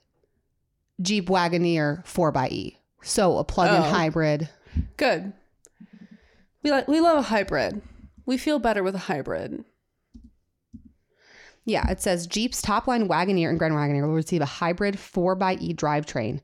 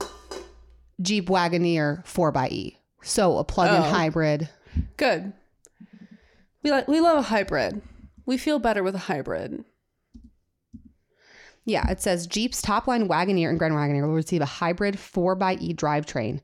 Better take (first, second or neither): first